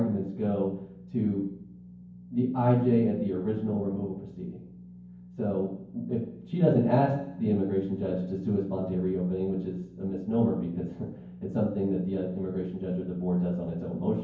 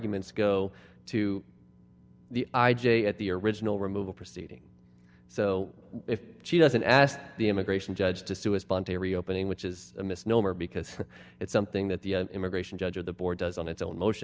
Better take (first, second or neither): second